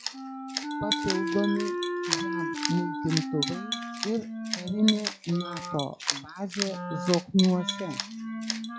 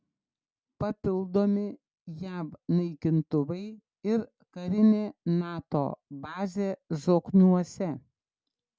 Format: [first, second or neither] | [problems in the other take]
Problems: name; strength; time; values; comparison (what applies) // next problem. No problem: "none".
second | noise reduction (classical method log-MMSE)